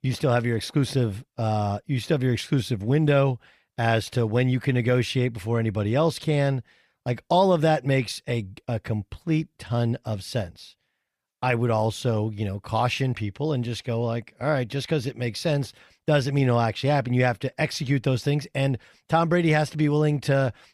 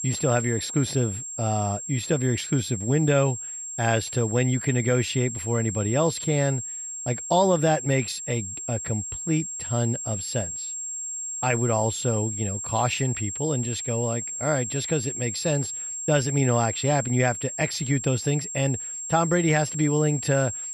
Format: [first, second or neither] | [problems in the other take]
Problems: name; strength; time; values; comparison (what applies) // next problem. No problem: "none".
first | high-pitched whine; loud; throughout; 7.5 kHz, 5 dB below the speech